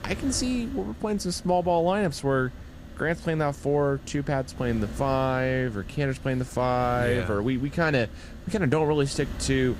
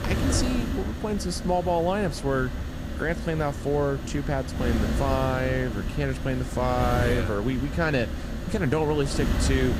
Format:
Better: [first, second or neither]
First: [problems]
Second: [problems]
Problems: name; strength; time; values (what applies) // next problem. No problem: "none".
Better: first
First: wind noise on the microphone; occasional gusts; 20 dB below the speech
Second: wind noise on the microphone; heavy; 8 dB below the speech